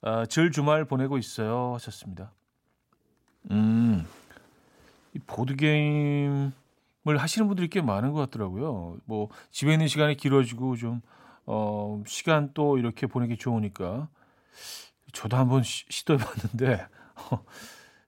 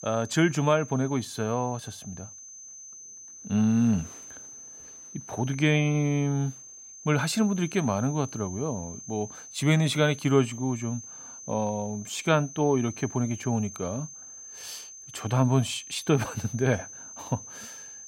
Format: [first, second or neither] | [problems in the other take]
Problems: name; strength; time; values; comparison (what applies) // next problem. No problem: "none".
first | high-pitched whine; noticeable; throughout; 6.5 kHz, 15 dB below the speech